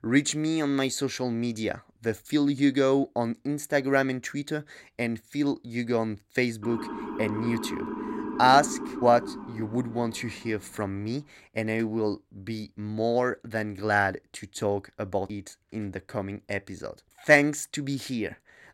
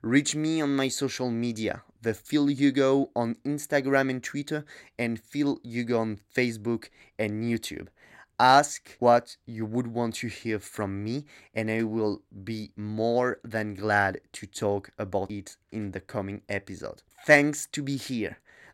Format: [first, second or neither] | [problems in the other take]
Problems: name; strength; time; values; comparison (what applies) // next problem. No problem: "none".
second | siren; noticeable; from 6.5 to 11 s; peak 6 dB below the speech